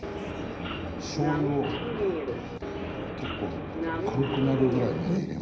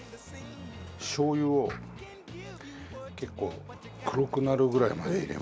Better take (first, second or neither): second